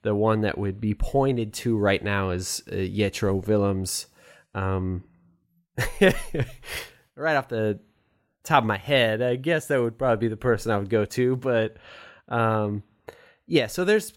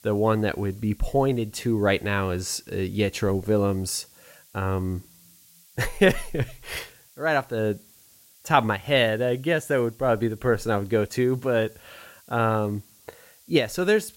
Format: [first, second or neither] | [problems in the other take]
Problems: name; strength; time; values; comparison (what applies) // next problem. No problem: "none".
first | hiss; faint; throughout; 25 dB below the speech